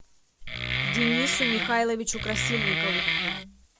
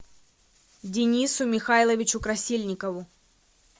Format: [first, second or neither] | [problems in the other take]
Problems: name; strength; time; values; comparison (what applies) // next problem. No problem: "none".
second | background sound (Wood); 3 dB above the speech